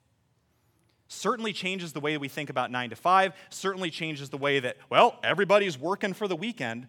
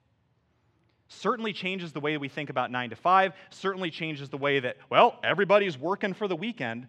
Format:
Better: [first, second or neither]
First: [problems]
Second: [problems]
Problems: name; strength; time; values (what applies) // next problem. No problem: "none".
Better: first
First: none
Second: muffled; slightly; fading above 3.5 kHz